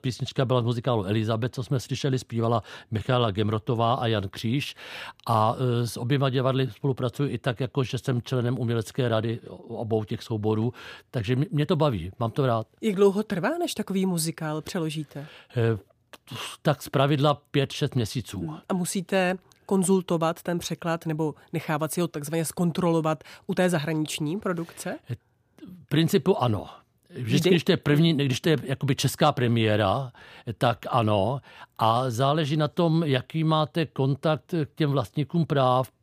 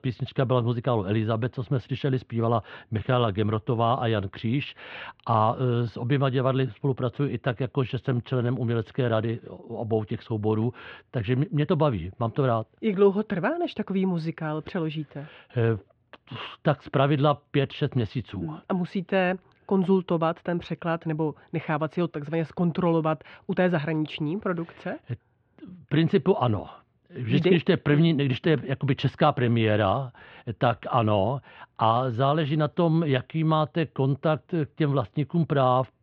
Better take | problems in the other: first | muffled; very; fading above 3 kHz

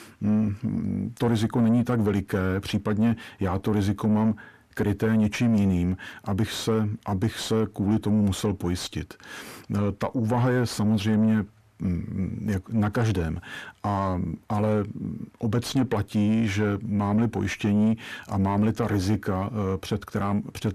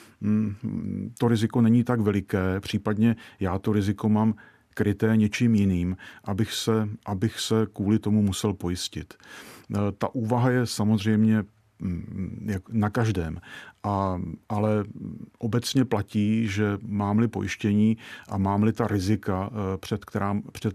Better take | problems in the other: second | distortion; slight; 10 dB below the speech

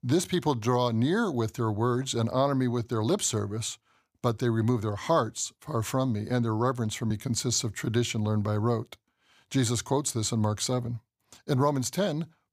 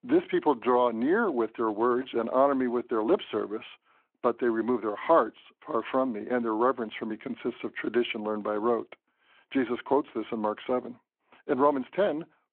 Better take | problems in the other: first | phone-call audio

